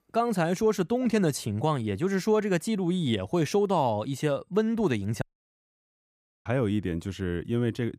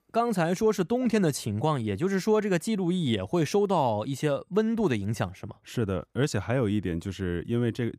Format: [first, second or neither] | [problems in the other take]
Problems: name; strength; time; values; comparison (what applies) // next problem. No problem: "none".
second | audio cutting out; at 5 s for 1 s